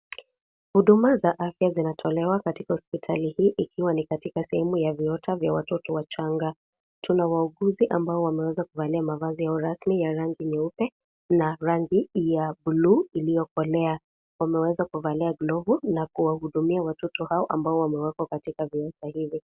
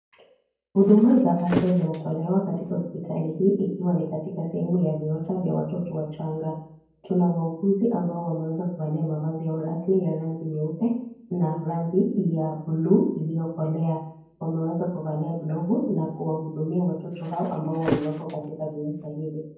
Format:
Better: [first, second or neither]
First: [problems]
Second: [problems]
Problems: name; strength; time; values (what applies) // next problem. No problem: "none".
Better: first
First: none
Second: background sound (Thump, thud); 9 dB below the speech // room echo; dies away in 0.9 s